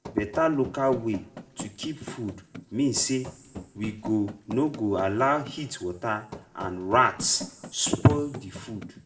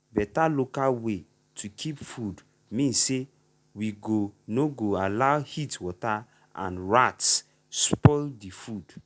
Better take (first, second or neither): second